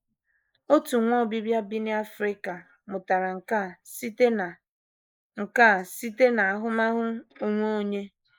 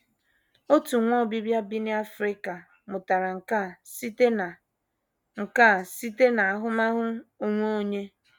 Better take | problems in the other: second | noise reduction (neural mask model Resemble Enhance denoiser)

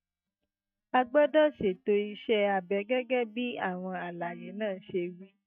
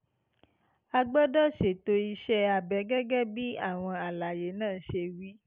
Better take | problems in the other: second | noise reduction (neural mask model DeepFilterNet 3)

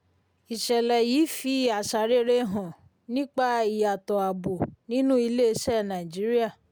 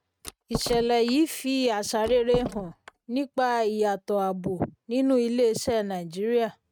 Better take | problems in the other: first | noise reduction (neural mask model RNNoise)

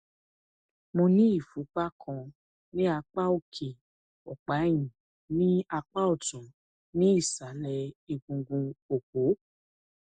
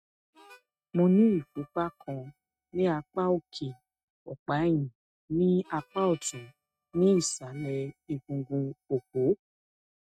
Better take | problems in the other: first | noise reduction (neural mask model RNNoise)

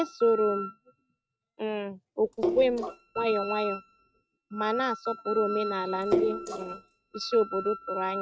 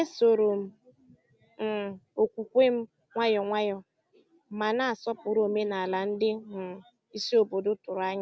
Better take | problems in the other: second | noise reduction (neural mask model RNNoise)

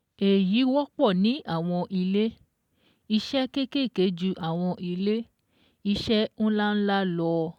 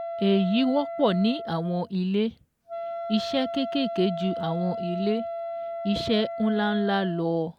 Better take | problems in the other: first | background sound (Wind instrument, woodwind instrument); 8 dB below the speech

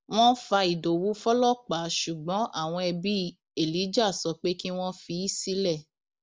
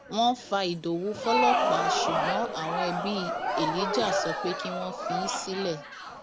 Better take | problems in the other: first | background sound (Crowd); 1 dB above the speech

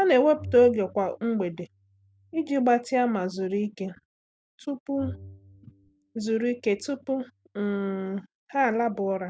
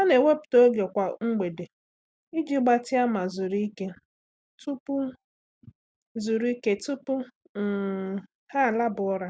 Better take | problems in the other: second | background sound (Bowed string instrument); 19 dB below the speech

